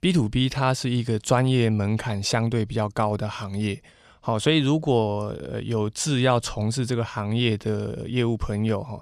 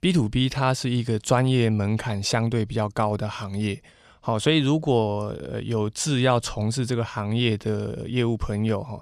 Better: neither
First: none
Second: none

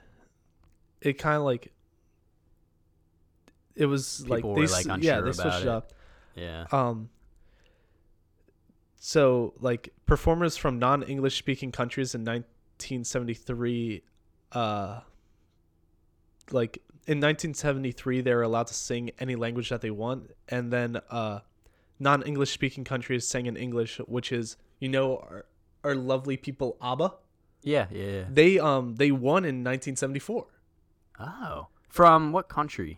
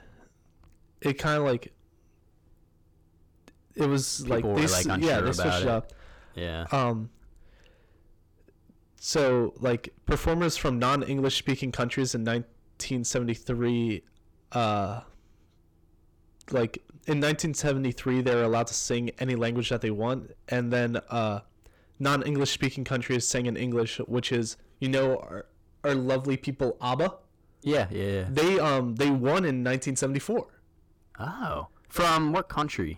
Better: first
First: none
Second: distortion; heavy; 6 dB below the speech

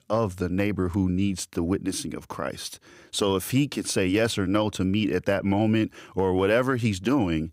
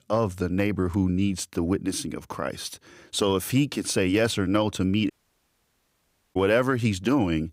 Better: first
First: none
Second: audio cutting out; at 5 s for 1.5 s

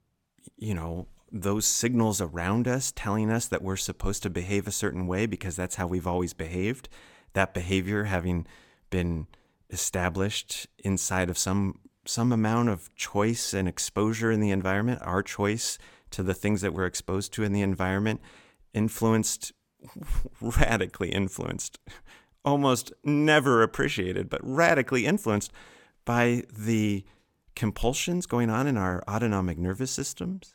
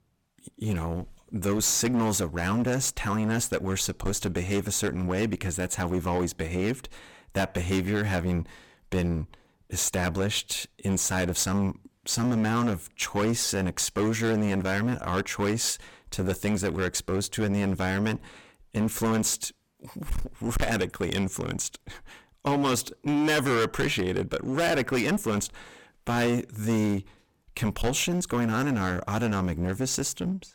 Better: first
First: none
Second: distortion; heavy; 13% of the sound clipped

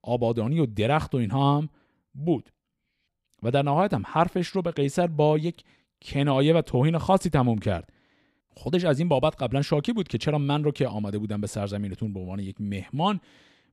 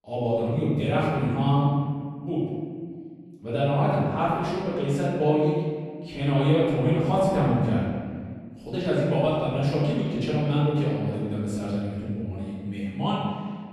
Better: first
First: none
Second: off-mic speech; far // room echo; strong; dies away in 1.8 s

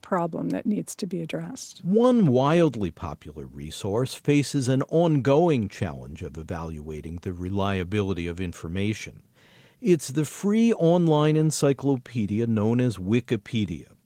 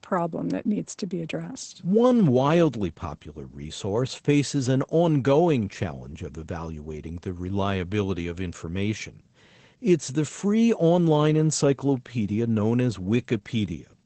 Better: first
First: garbled, watery; slightly; nothing above 16 kHz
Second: garbled, watery; badly; nothing above 8 kHz

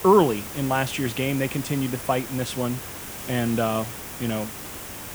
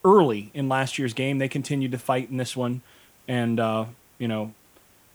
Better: second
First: hiss; loud; throughout; 8 dB below the speech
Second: hiss; faint; throughout; 30 dB below the speech

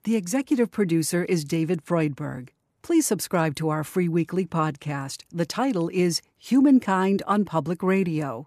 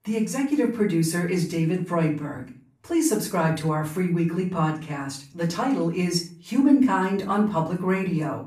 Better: first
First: none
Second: off-mic speech; far // room echo; slight; dies away in 0.3 s

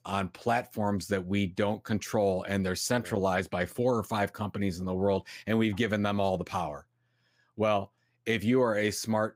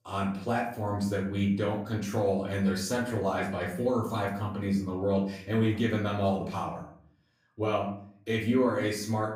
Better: first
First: none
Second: off-mic speech; far // room echo; slight; dies away in 0.5 s

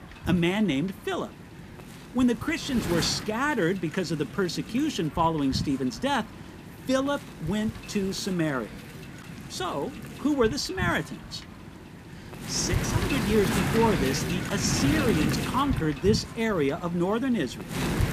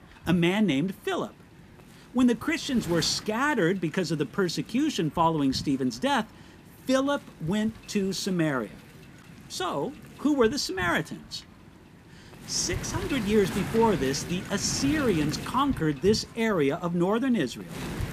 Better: second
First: wind noise on the microphone; heavy; 7 dB below the speech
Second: wind noise on the microphone; occasional gusts; 15 dB below the speech

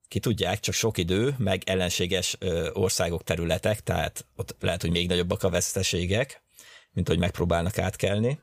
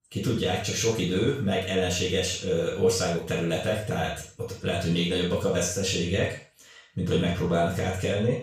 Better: first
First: none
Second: room echo; noticeable; dies away in 0.4 s // off-mic speech; far

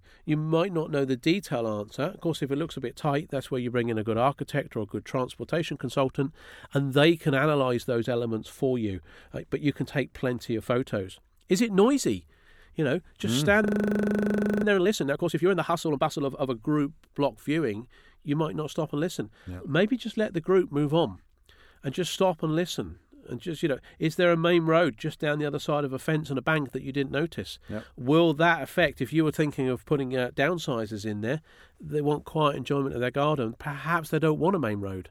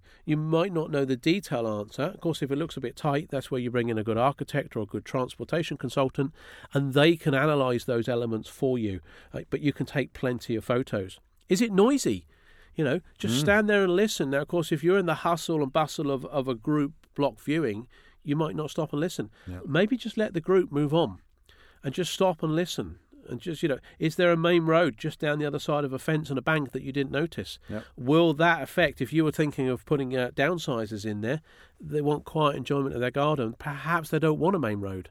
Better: second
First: audio freezing; at 14 s for 1 s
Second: none

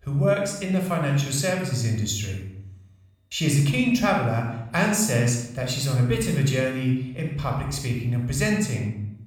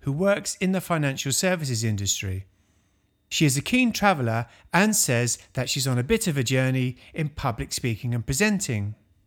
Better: second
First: room echo; noticeable; dies away in 0.7 s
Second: none

